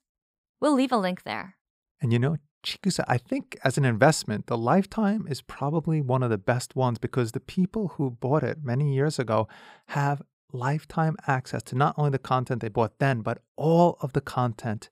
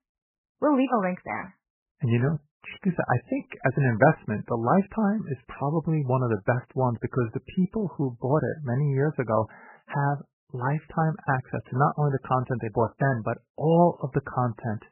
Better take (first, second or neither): first